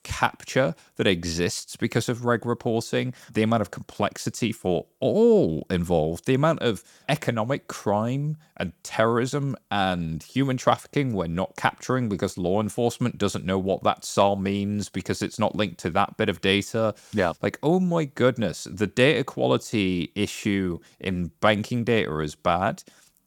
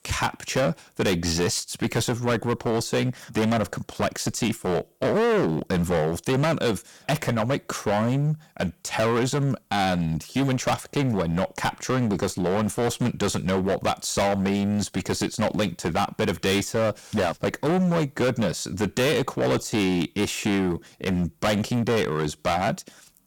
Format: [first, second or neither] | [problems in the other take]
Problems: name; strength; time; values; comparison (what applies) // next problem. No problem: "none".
first | distortion; heavy; 18% of the sound clipped